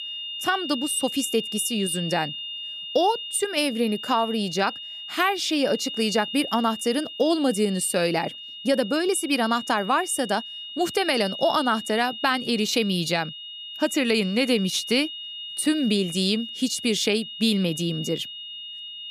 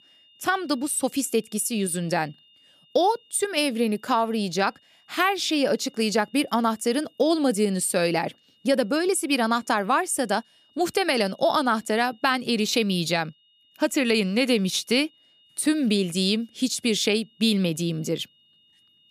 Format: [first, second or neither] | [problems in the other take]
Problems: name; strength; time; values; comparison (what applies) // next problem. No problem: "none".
second | high-pitched whine; loud; throughout; 3 kHz, 9 dB below the speech; faint in the second